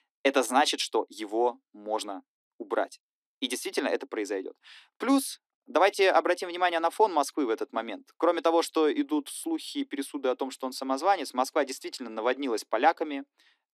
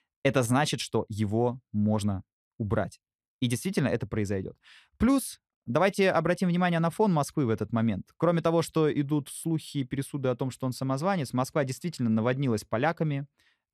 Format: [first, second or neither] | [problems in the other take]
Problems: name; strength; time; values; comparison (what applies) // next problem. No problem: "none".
second | thin; somewhat; fading below 250 Hz